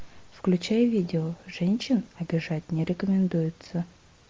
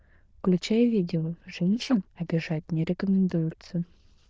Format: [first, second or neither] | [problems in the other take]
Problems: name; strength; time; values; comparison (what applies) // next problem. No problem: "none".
first | noise reduction (neural diffusion model UNIVERSE++)